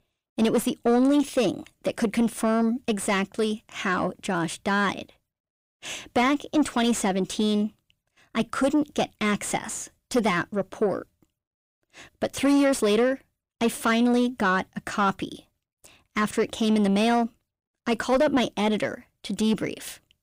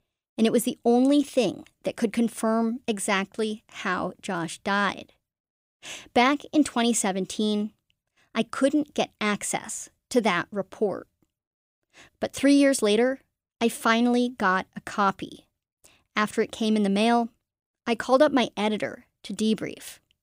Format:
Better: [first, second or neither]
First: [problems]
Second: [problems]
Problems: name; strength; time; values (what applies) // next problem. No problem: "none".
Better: second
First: distortion; slight; 10 dB below the speech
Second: none